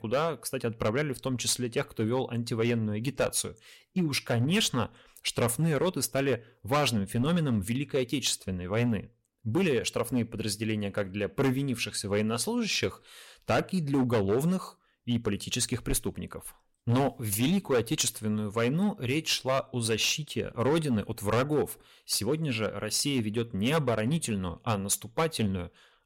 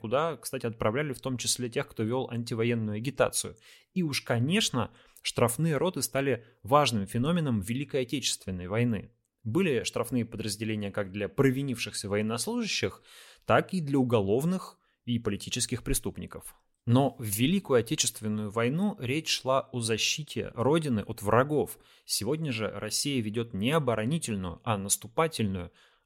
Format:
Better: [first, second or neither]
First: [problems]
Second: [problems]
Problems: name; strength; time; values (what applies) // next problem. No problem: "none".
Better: second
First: distortion; slight; 6% of the sound clipped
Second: none